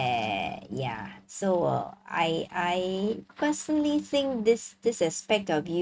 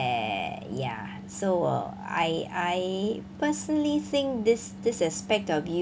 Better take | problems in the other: second | noise reduction (neural mask model RNNoise)

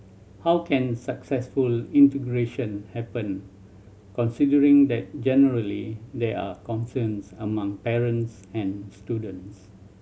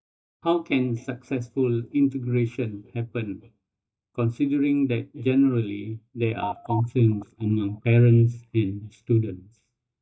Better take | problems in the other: first | noise reduction (neural mask model DeepFilterNet 3)

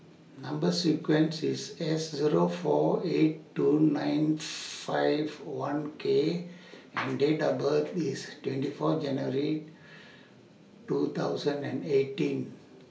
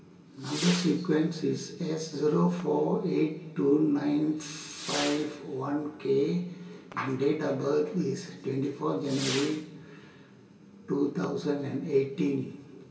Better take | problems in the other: first | background sound (Whoosh, swoosh, swish / Fireworks); 15 dB below the speech // room echo; dies away in 2 s

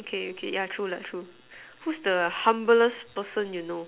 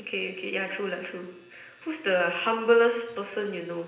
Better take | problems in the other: first | room echo; dies away in 0.9 s

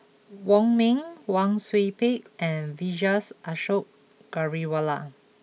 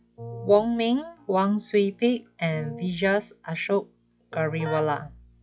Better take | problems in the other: first | noise reduction (classical method log-MMSE)

